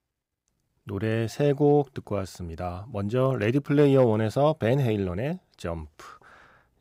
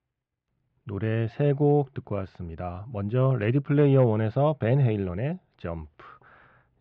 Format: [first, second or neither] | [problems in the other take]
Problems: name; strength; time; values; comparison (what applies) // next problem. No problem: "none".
first | muffled; very; fading above 3 kHz